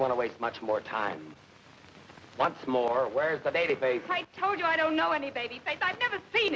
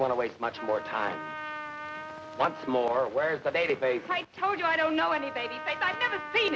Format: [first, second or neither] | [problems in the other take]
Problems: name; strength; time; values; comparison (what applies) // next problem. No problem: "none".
first | background sound (Trumpet); 12 dB below the speech